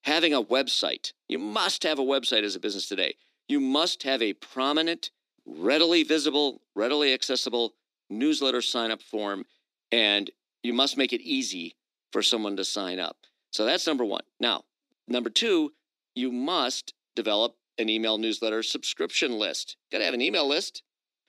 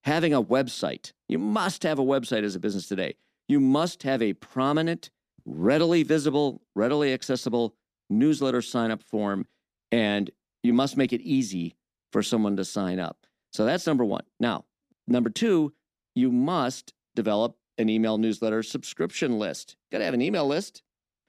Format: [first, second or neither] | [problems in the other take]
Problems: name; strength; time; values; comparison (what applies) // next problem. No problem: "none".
second | thin; very slightly; fading below 300 Hz